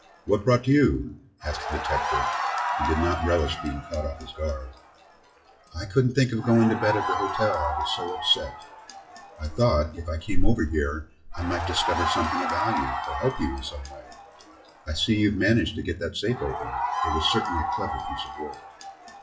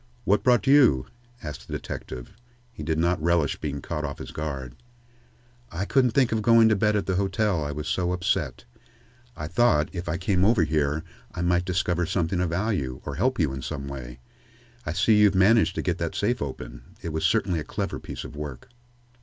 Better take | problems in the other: second | noise reduction (classical method WPE with log-MMSE)

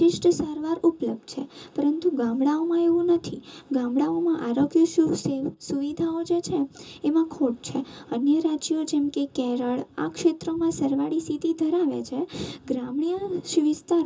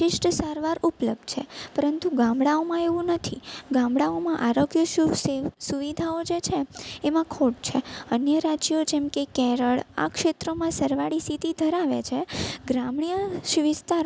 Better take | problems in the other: second | room echo; dies away in 0.2 s

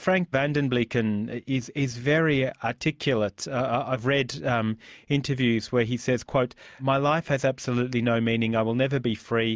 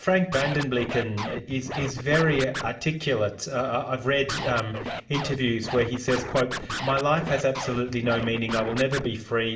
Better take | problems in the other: first | background sound (Scratching (performance technique)); 8 dB below the speech // room echo; dies away in 0.6 s

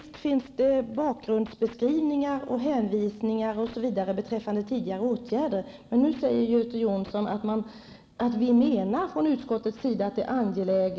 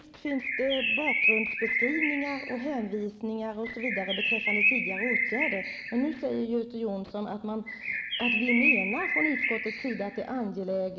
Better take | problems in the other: first | background sound (Bird); 2 dB above the speech

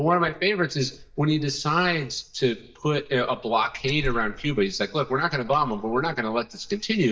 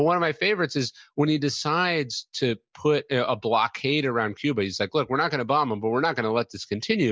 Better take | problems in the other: second | noise reduction (neural mask model DeepFilterNet 3)

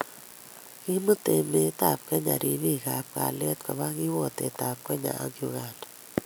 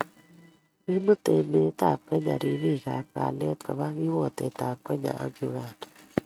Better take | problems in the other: first | noise reduction (neural mask model RNNoise)

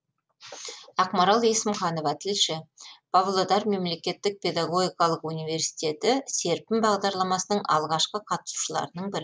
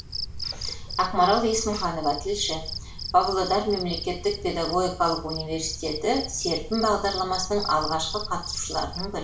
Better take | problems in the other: first | background sound (Cricket); 8 dB below the speech // room echo; dies away in 0.5 s

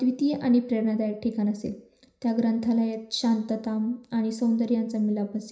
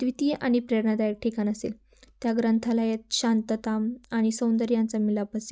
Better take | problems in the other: second | room echo; dies away in 0.5 s

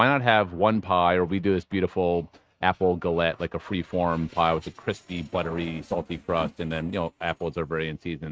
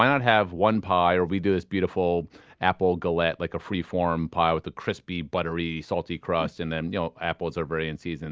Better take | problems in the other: second | noise reduction (neural mask model RNNoise)

